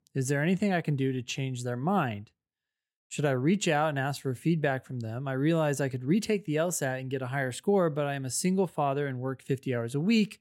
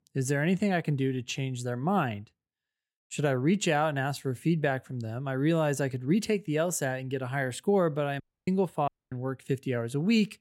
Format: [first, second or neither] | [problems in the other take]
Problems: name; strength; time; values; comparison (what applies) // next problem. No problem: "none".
first | audio cutting out; at 8 s and at 9 s